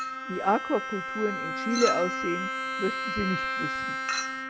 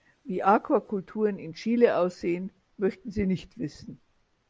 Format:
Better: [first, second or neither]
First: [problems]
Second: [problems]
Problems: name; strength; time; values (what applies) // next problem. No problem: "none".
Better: second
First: background sound (Chink, clink + Bowed string instrument); 1 dB below the speech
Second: none